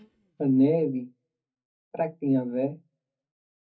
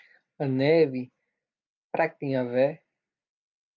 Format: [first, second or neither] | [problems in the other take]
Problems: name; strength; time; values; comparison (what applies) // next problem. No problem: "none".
second | noise reduction (neural mask model DeepFilterNet 3)